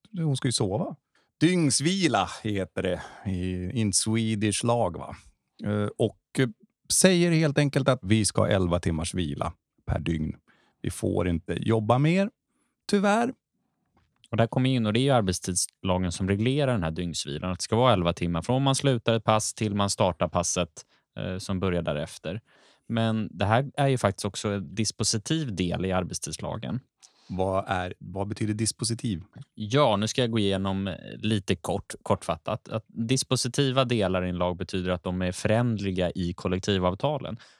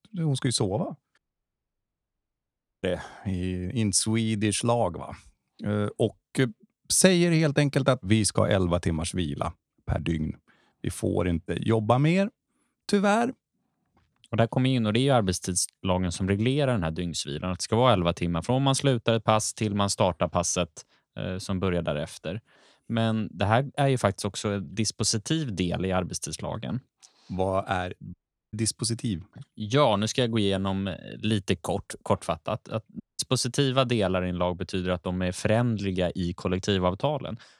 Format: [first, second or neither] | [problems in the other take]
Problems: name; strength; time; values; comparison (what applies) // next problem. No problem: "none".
first | audio cutting out; at 1 s for 1.5 s, at 28 s and at 33 s